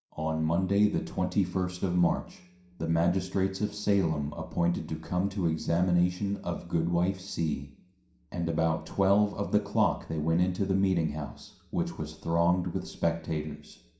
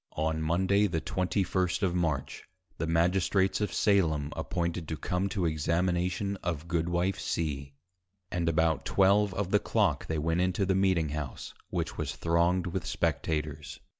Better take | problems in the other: second | room echo; dies away in 0.5 s

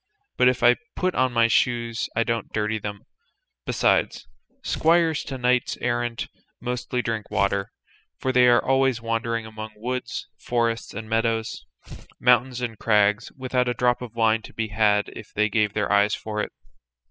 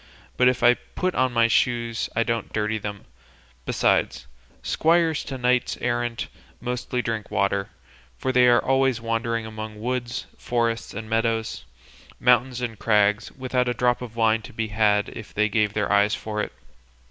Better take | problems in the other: second | noise reduction (classical method spectral subtraction)

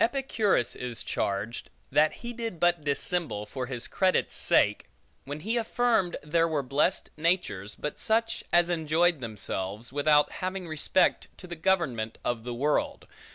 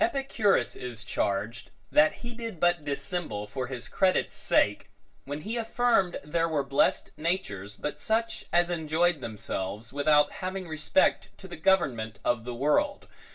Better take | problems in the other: first | room echo; dies away in 0.2 s

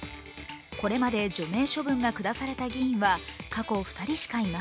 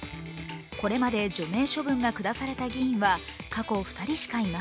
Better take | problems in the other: first | background sound (Electric guitar); 19 dB below the speech

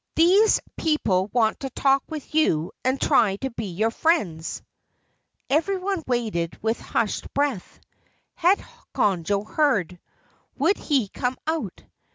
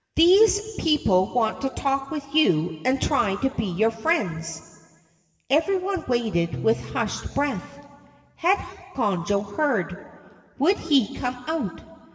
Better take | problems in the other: first | background sound (Bowed string instrument); 17 dB below the speech // room echo; dies away in 1.6 s

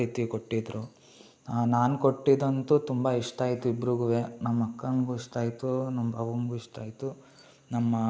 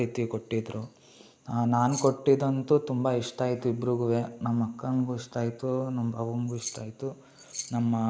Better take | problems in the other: first | background sound (Keys jangling); 12 dB below the speech

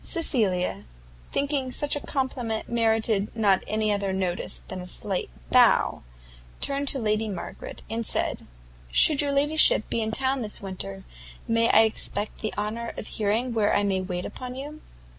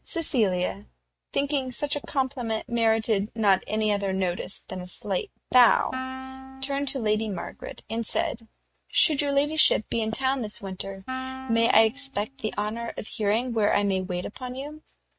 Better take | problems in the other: first | noise reduction (neural mask model RNNoise)

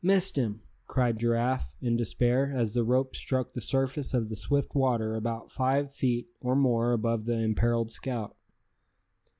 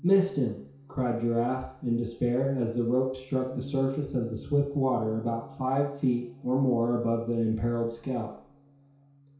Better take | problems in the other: first | background sound (Bass guitar); 20 dB below the speech // room echo; dies away in 0.6 s

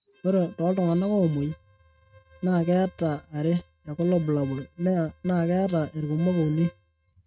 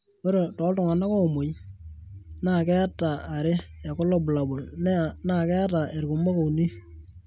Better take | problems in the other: second | noise reduction (neural mask model RNNoise)

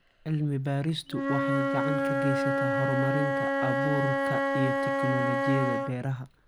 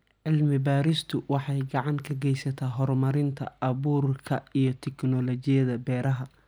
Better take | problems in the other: second | background sound (Wind instrument, woodwind instrument); 2 dB above the speech

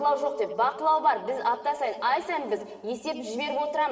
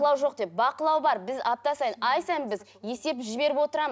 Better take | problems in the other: second | background sound (Chink, clink); 19 dB below the speech // room echo; dies away in 1.9 s

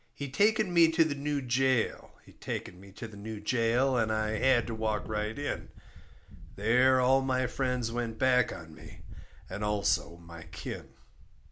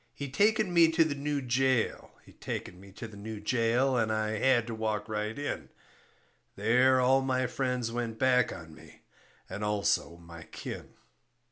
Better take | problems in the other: second | background sound (Wind); 12 dB below the speech

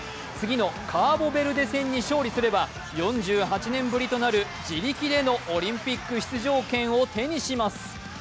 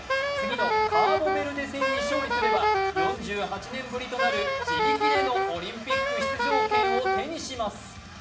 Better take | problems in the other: first | background sound (Wind instrument, woodwind instrument); 5 dB above the speech // room echo; dies away in 0.9 s

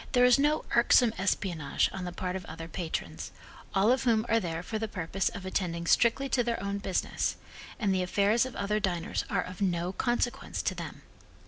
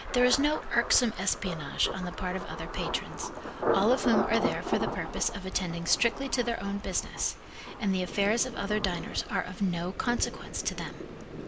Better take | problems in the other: first | background sound (Thunder); 6 dB below the speech

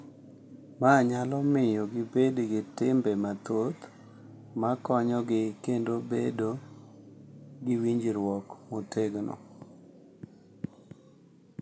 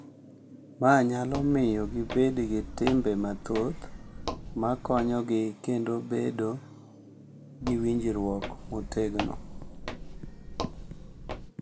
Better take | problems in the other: first | background sound (Walk, footsteps); 8 dB below the speech

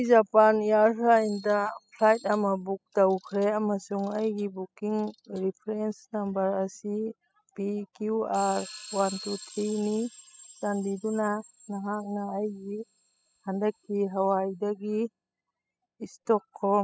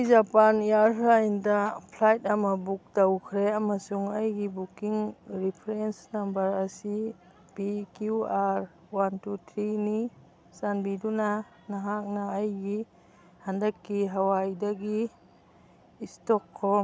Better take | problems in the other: second | noise reduction (classical method spectral subtraction)

